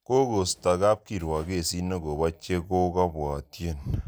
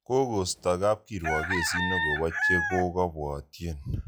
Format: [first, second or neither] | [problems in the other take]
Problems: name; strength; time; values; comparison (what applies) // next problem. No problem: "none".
first | noise reduction (classical method log-MMSE)